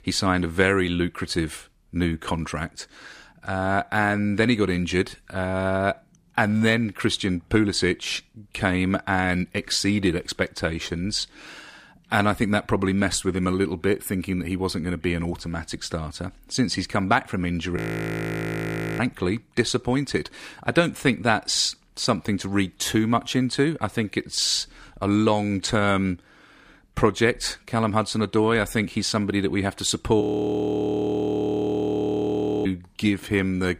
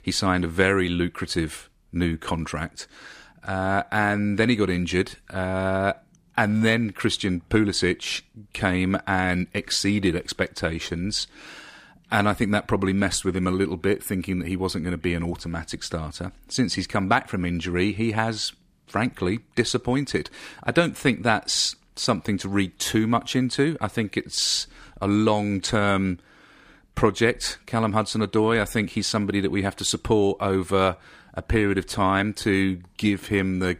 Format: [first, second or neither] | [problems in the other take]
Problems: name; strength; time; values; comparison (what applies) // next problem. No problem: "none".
second | audio freezing; at 18 s for 1 s and at 30 s for 2.5 s